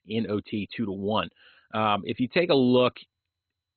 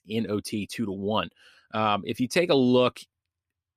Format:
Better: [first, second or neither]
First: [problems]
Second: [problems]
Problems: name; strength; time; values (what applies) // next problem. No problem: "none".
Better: second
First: garbled, watery; badly; nothing above 4 kHz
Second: none